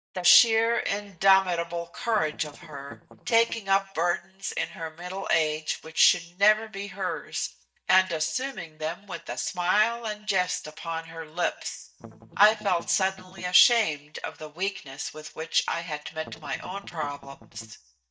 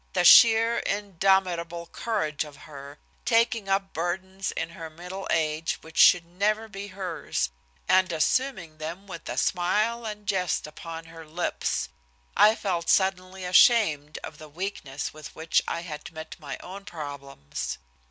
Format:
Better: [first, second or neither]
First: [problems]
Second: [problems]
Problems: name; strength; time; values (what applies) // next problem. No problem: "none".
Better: second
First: noise reduction (neural mask model DeepFilterNet 3)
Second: none